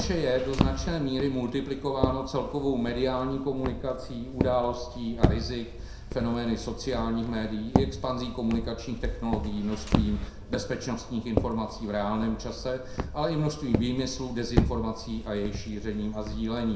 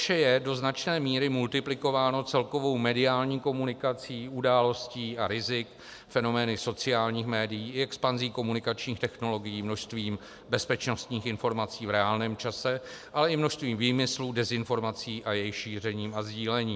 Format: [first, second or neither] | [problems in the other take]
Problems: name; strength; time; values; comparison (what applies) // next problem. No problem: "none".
second | background sound (Walk, footsteps); 2 dB below the speech // room echo; dies away in 0.6 s